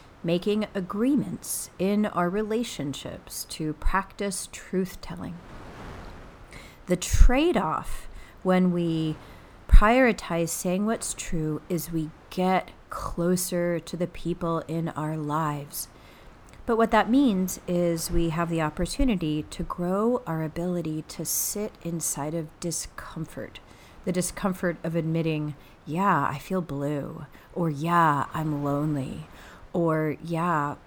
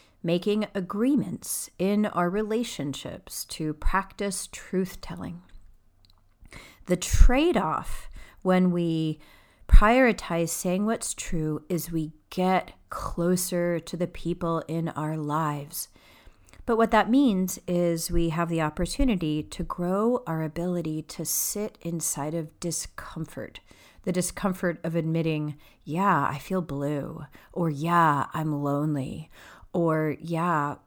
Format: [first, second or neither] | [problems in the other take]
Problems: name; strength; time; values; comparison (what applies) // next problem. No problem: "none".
second | wind noise on the microphone; occasional gusts; 25 dB below the speech